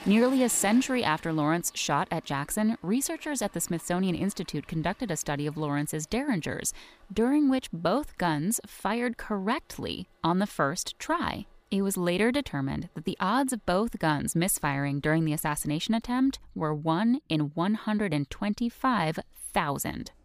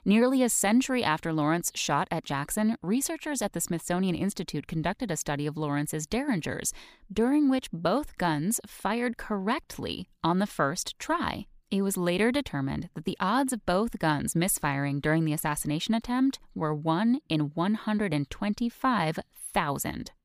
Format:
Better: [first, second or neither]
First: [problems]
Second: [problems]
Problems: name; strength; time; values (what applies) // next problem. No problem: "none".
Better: second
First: household noises; faint; throughout; 25 dB below the speech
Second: none